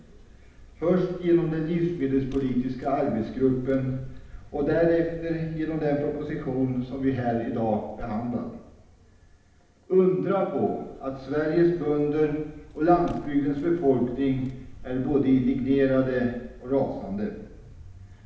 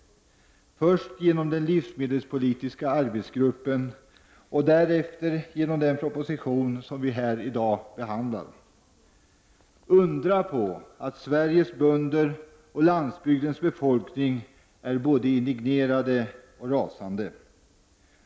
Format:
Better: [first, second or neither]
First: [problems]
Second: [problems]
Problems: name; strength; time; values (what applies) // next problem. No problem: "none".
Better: second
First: background sound (Vehicle); 18 dB below the speech // room echo; dies away in 0.8 s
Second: none